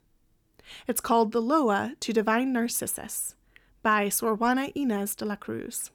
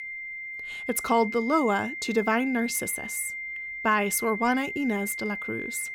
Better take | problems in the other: first | high-pitched whine; loud; throughout; 2 kHz, 7 dB below the speech

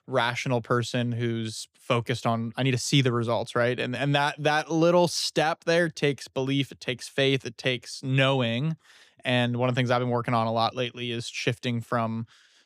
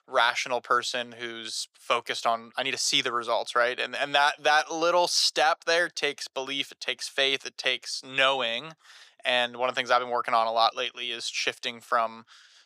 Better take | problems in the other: first | thin; very; fading below 600 Hz

